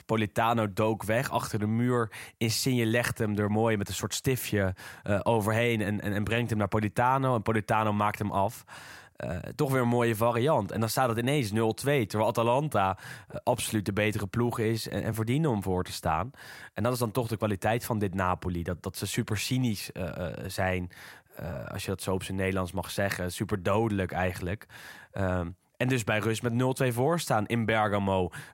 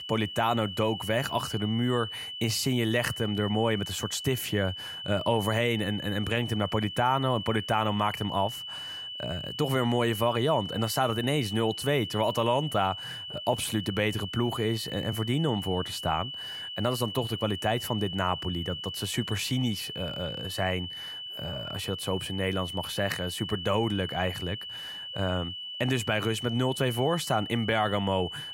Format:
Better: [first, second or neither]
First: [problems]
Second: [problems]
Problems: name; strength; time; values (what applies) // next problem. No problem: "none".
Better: first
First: none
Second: high-pitched whine; loud; throughout; 3 kHz, 7 dB below the speech